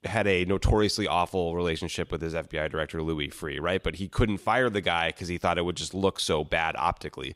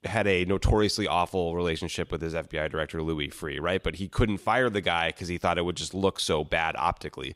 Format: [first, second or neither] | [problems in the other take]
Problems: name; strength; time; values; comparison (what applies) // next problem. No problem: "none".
neither | none